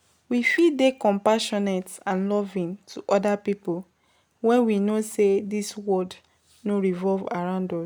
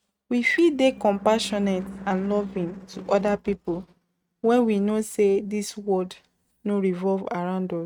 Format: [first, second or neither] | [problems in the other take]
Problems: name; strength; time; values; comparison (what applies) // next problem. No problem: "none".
first | noise reduction (neural mask model RNNoise)